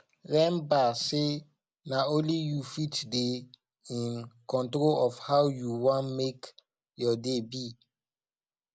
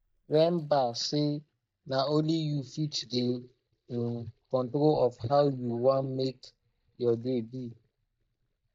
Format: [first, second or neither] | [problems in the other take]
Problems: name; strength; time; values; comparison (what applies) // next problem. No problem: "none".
first | noise reduction (neural mask model DeepFilterNet 3)